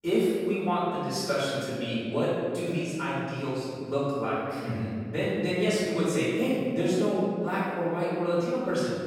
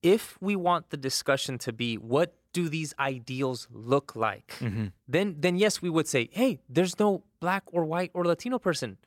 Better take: second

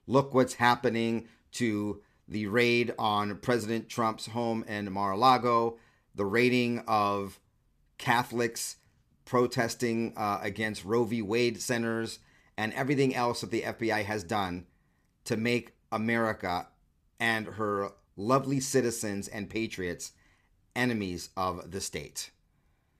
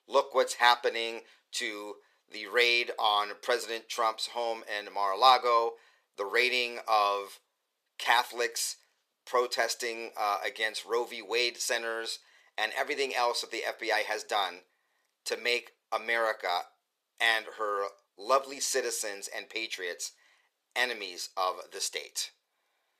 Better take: first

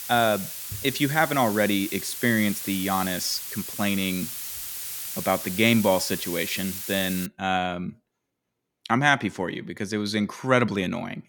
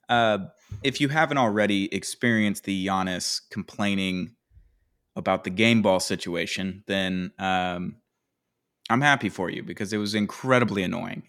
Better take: second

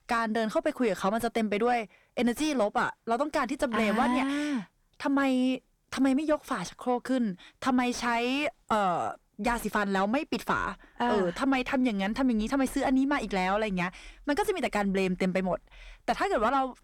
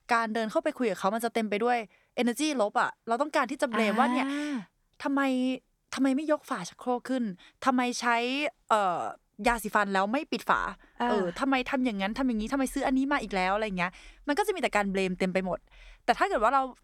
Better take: second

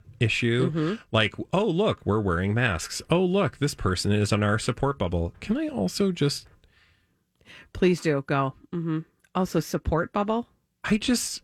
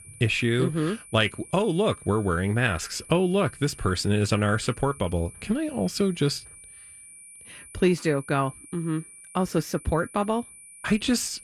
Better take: first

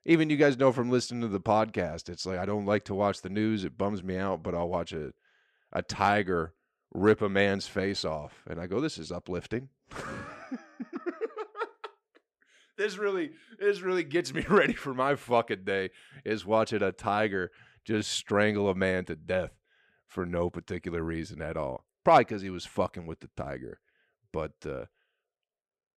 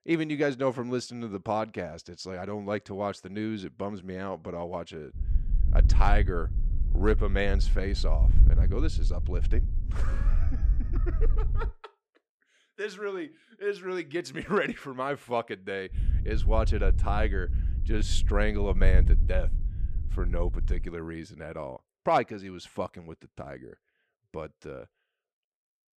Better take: first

